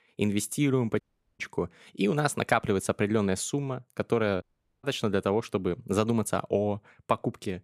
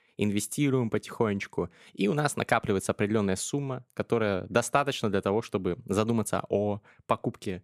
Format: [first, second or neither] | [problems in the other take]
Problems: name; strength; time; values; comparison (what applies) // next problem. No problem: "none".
second | audio cutting out; at 1 s and at 4.5 s